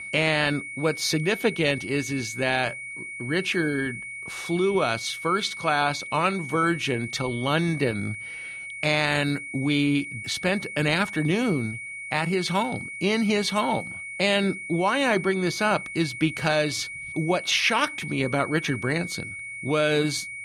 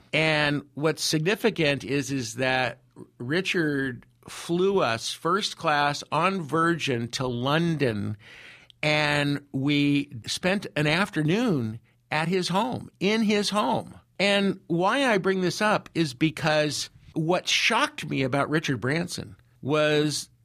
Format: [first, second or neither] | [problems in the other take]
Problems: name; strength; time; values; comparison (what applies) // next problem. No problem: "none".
second | high-pitched whine; loud; throughout; 2 kHz, 9 dB below the speech